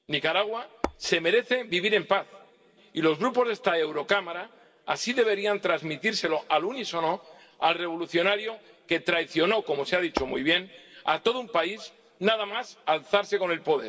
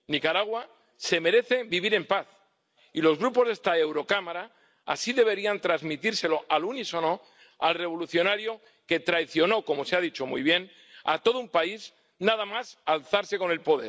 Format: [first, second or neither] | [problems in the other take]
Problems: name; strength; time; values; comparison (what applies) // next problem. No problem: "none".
second | background sound (Tap / Hammer); 7 dB below the speech // room echo; dies away in 1.9 s